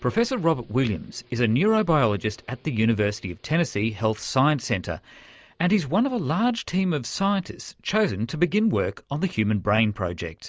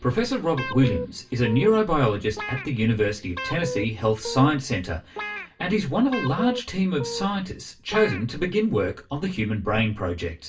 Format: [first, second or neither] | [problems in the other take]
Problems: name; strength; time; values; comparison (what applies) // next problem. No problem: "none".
first | background sound (Guitar); 10 dB below the speech // room echo; dies away in 0.2 s